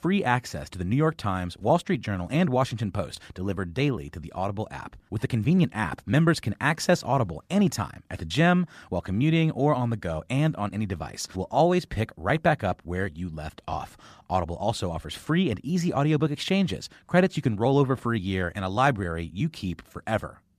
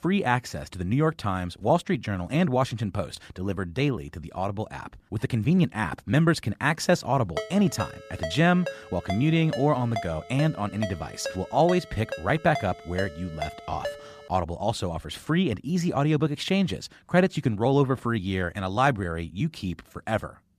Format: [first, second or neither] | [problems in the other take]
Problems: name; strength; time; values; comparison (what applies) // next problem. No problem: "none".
first | phone ringing; noticeable; from 7.5 to 14 s; peak 8 dB below the speech